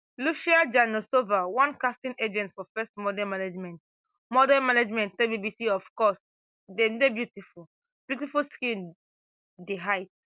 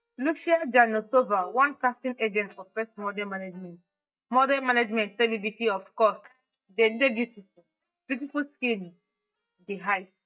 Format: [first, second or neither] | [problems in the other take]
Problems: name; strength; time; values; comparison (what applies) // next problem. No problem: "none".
first | noise reduction (neural mask model DeepFilterNet 3)